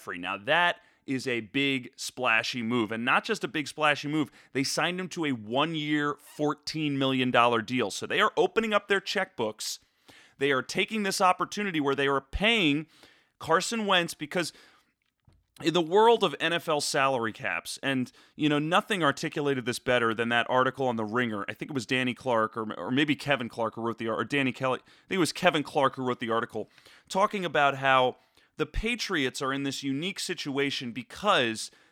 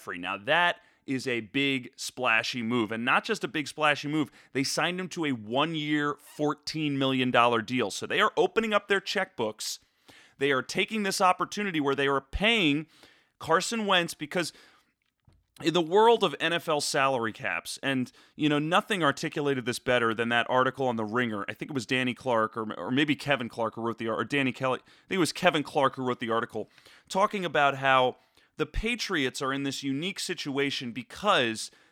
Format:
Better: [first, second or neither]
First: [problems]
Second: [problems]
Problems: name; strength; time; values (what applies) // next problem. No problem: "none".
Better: neither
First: none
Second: none